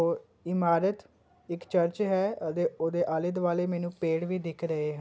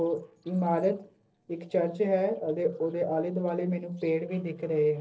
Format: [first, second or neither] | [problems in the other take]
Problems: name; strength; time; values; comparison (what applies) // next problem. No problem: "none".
first | noise reduction (neural separator model SepFormer DNS4)